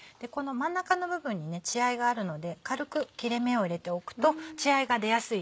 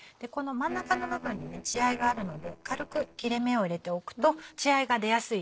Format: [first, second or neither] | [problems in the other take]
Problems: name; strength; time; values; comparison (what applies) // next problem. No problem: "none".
first | noise reduction (neural separator model SepFormer DNS4)